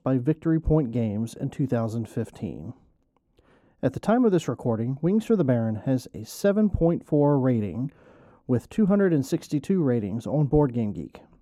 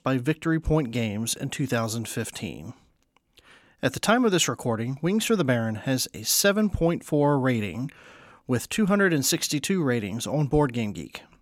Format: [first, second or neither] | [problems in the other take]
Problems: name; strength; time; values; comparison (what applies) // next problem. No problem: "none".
second | muffled; very; fading above 1 kHz